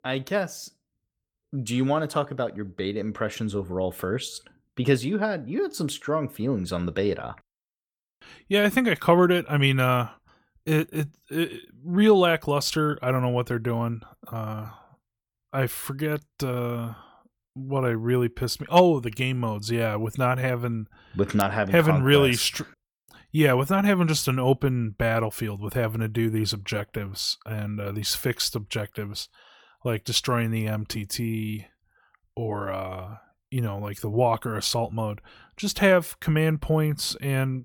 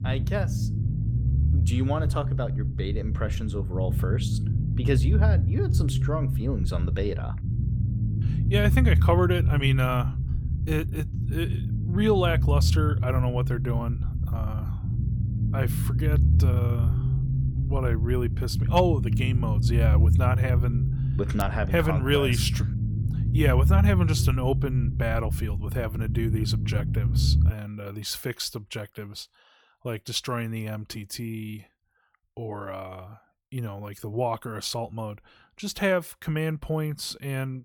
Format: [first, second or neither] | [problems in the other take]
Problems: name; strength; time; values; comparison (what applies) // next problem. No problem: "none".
first | low rumble; loud; until 28 s; 8 dB below the speech